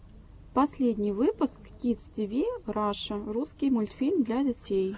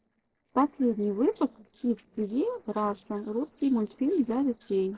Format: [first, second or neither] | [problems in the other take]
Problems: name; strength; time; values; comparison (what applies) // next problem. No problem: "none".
first | noise reduction (neural separator model SepFormer DNS4)